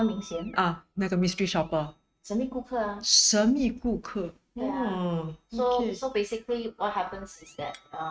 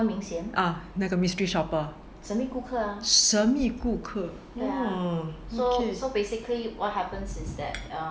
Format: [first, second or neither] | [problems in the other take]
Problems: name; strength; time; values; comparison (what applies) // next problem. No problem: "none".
second | noise reduction (neural mask model RNNoise)